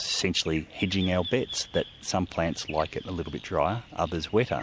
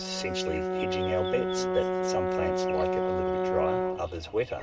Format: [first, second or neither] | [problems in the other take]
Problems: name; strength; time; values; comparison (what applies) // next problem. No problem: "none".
first | background sound (Brass instrument); 4 dB above the speech // room echo; dies away in 2.6 s